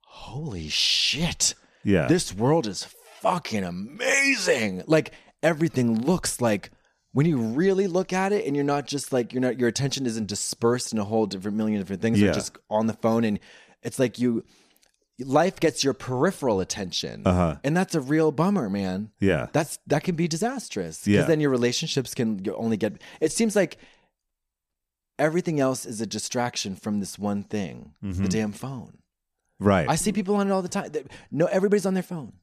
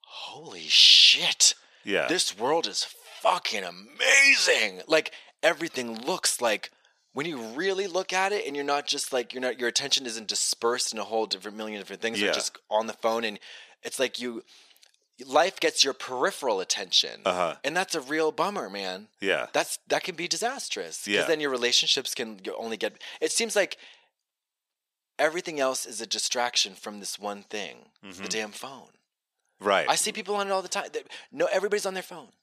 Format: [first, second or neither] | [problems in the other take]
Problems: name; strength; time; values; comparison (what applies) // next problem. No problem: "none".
first | thin; very; fading below 550 Hz